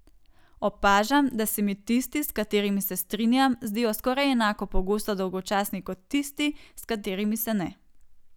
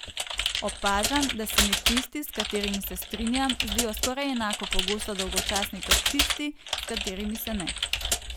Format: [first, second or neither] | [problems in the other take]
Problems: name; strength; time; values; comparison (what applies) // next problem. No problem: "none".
first | background sound (Computer keyboard); 2 dB above the speech